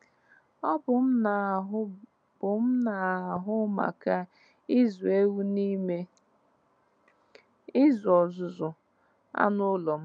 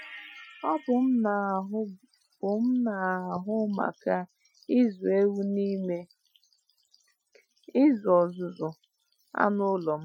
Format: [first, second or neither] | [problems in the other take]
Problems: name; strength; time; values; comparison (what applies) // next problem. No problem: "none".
first | noise reduction (classical method Wiener filter)